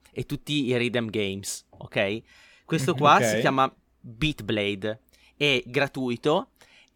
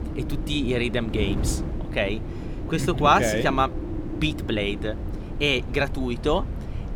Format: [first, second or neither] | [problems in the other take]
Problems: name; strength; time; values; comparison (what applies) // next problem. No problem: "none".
first | wind noise on the microphone; occasional gusts; 15 dB below the speech